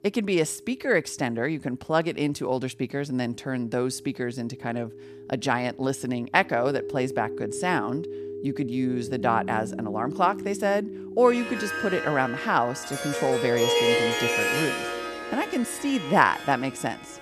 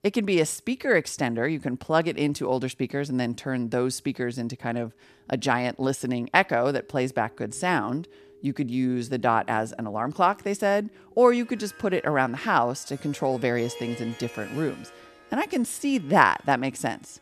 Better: second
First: background music; loud; throughout; 3 dB below the speech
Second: background music; faint; throughout; 20 dB below the speech

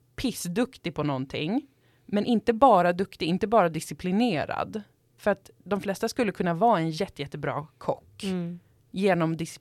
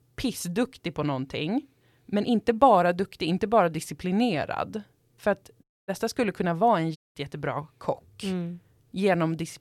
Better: first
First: none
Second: audio cutting out; at 5.5 s and at 7 s

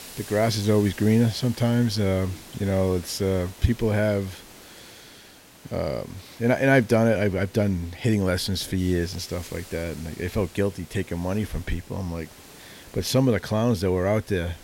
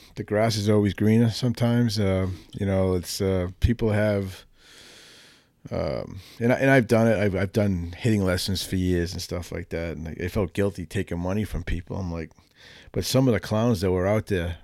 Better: second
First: hiss; faint; throughout; 20 dB below the speech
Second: none

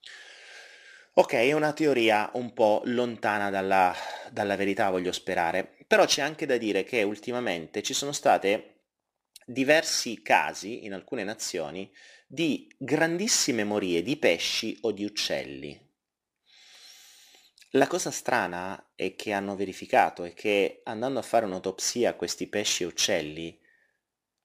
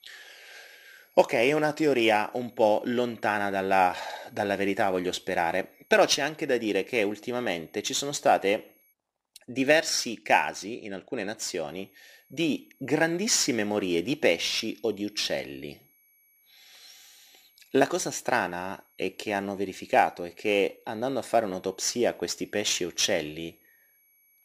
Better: first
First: none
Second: high-pitched whine; faint; until 9 s and from 12 s on; 11.5 kHz, 35 dB below the speech

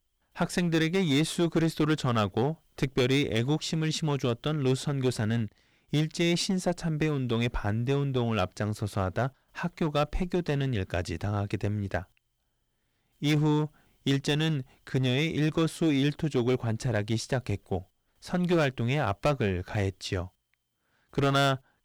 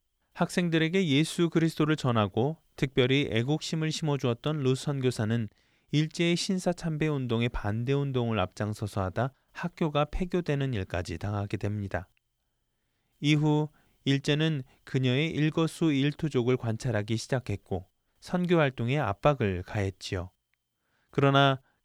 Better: second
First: distortion; slight; 7% of the sound clipped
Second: none

